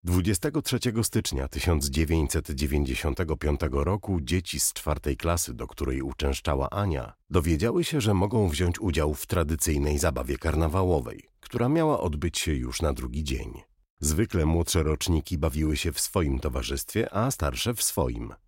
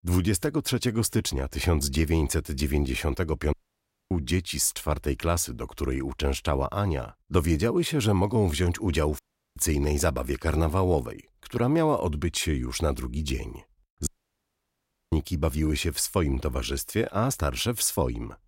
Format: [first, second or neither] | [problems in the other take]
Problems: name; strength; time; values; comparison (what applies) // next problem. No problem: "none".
first | audio cutting out; at 3.5 s for 0.5 s, at 9 s and at 14 s for 1 s